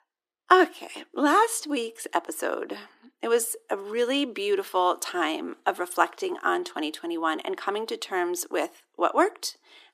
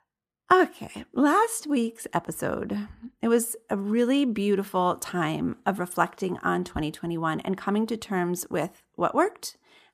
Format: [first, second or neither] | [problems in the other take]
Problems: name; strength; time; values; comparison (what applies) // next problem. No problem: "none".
second | thin; somewhat; fading below 300 Hz